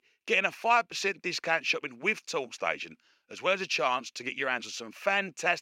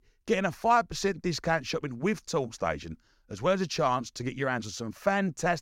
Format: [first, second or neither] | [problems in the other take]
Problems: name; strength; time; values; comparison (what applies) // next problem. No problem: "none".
second | thin; somewhat; fading below 300 Hz